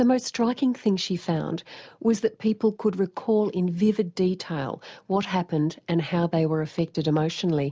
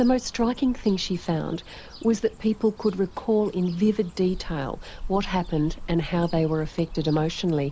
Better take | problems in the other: first | background sound (Cricket / Bird); 13 dB below the speech

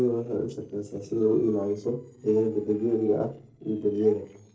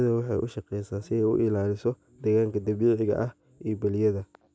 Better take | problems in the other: second | noise reduction (neural separator model SepFormer DNS4)

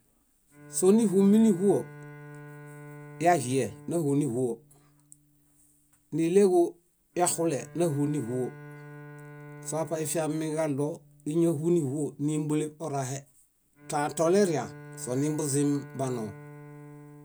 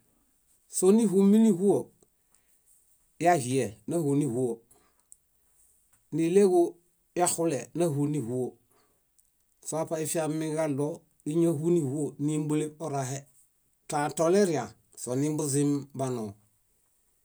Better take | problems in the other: second | background sound (Bowed string instrument); 19 dB below the speech

